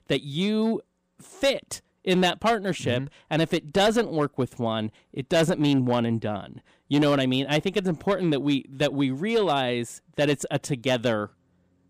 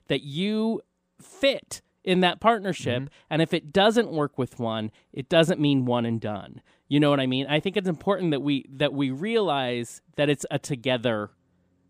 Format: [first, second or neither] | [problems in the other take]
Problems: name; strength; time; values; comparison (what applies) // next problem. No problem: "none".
second | distortion; slight; 5% of the sound clipped